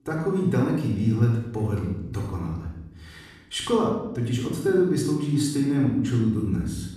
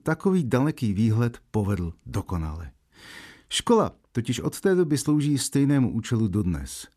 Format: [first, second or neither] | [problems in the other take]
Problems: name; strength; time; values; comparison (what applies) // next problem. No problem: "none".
second | off-mic speech; far // room echo; noticeable; dies away in 0.8 s